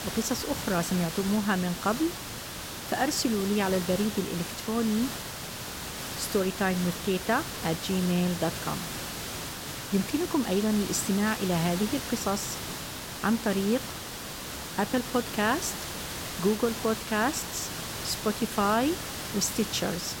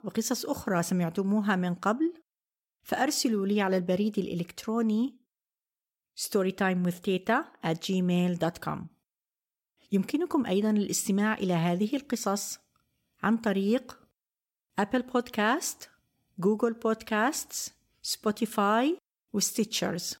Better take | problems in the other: second | hiss; loud; throughout; 6 dB below the speech

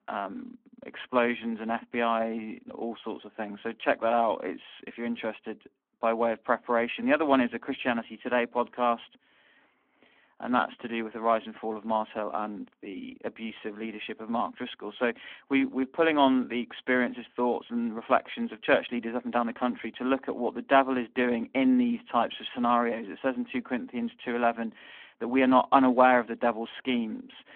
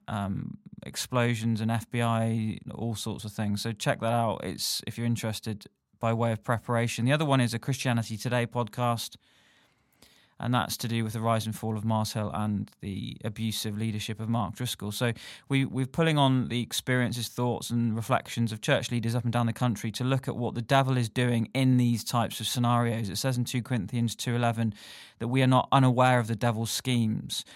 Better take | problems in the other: second | phone-call audio; nothing above 3.5 kHz

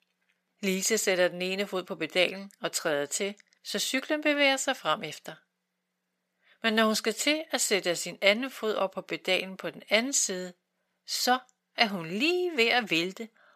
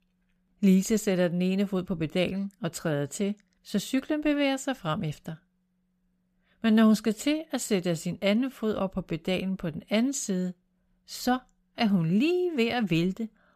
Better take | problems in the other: second | thin; somewhat; fading below 450 Hz

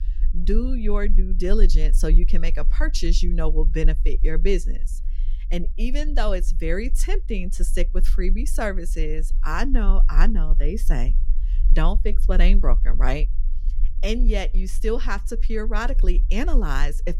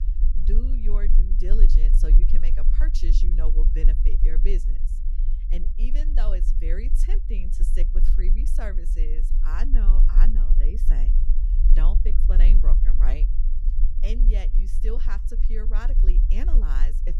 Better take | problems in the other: first | low rumble; loud; throughout; 7 dB below the speech; faint in the first

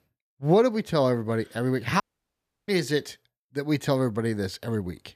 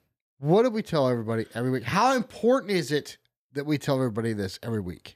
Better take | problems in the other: second | audio cutting out; at 2 s for 0.5 s

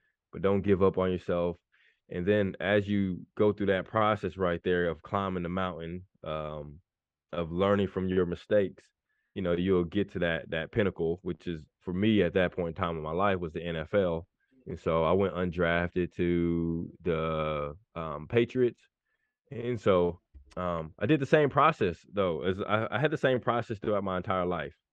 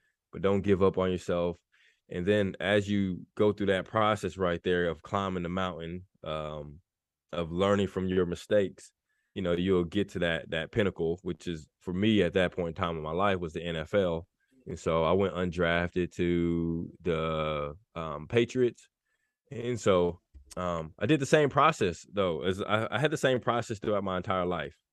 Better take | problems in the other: second | muffled; slightly; fading above 3 kHz

